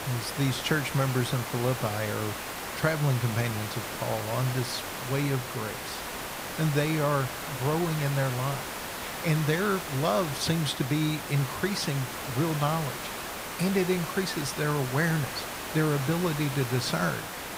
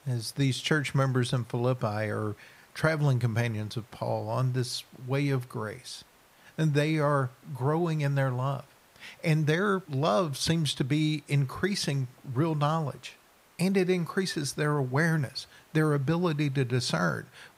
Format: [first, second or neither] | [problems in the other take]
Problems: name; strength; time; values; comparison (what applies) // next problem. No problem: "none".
second | hiss; loud; throughout; 6 dB below the speech; faint in the second